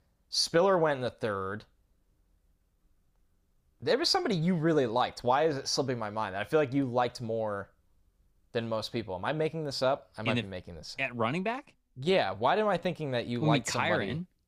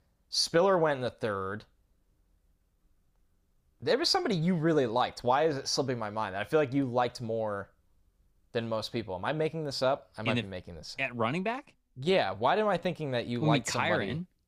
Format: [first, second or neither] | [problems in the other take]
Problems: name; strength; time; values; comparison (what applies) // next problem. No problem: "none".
neither | none